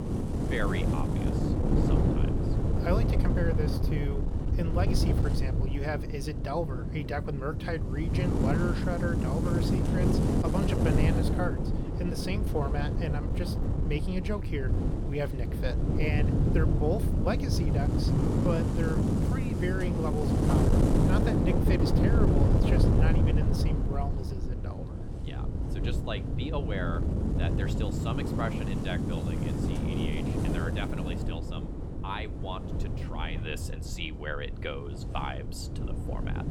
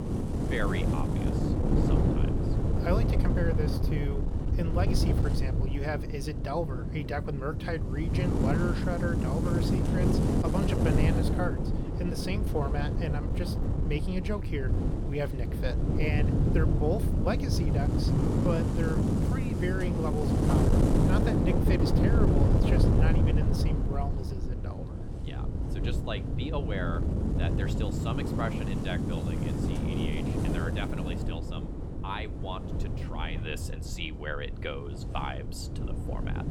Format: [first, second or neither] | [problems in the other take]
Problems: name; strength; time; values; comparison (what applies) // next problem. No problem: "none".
neither | wind noise on the microphone; heavy; as loud as the speech; the same in both